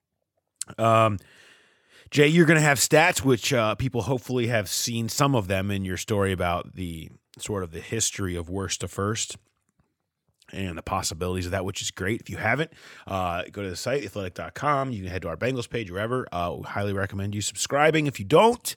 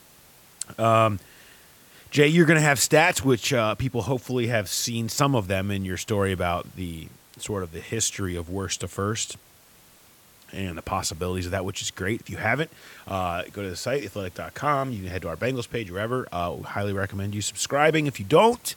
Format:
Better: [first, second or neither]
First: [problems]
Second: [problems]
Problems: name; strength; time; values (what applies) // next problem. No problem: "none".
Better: first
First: none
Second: hiss; faint; throughout; 25 dB below the speech